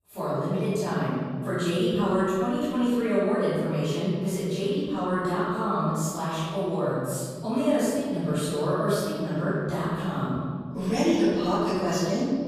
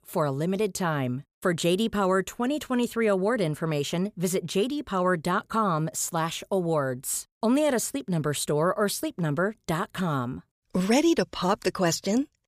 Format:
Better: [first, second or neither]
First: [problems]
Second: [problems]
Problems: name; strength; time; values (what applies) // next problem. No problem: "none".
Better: second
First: off-mic speech; far // room echo; strong; dies away in 2 s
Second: none